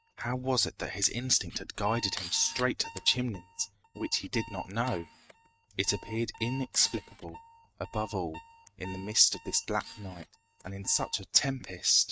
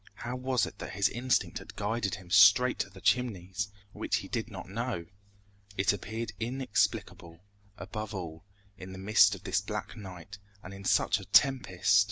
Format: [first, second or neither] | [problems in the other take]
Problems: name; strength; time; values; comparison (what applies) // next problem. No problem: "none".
second | noise reduction (neural mask model RNNoise)